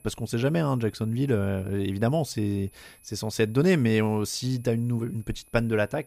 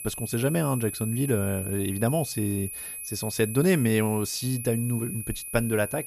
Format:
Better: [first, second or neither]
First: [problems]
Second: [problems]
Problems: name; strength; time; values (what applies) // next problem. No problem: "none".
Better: first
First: high-pitched whine; faint; throughout; 11 kHz, 30 dB below the speech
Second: high-pitched whine; loud; throughout; 11 kHz, 7 dB below the speech